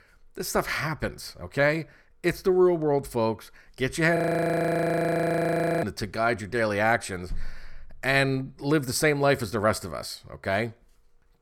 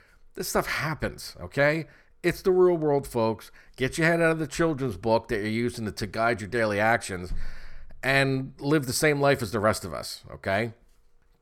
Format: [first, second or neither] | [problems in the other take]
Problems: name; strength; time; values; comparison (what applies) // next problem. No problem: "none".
second | audio freezing; at 4 s for 1.5 s